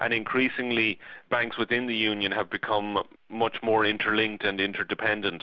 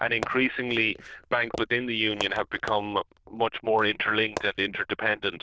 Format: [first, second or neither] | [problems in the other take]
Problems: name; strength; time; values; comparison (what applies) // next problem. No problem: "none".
first | noise reduction (neural diffusion model UNIVERSE++)